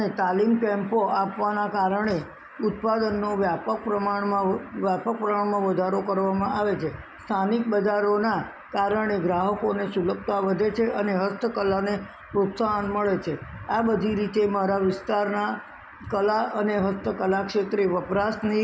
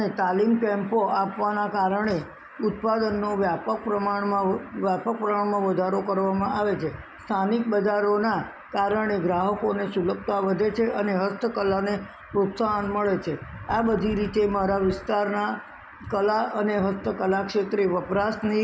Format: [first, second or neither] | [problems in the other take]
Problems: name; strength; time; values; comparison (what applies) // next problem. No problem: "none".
first | background sound (Wind); 15 dB below the speech